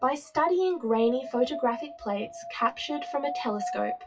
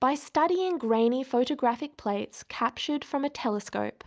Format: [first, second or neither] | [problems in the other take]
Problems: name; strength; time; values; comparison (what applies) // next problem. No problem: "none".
second | noise reduction (classical method WPE with log-MMSE)